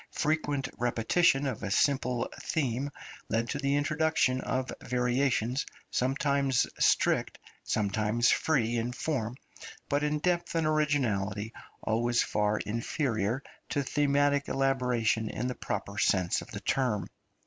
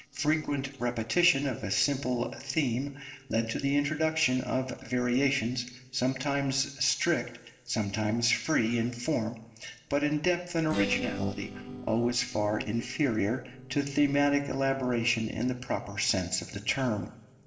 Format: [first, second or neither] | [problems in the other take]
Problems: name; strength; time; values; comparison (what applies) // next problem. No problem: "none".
first | noise reduction (neural separator model SepFormer DNS4)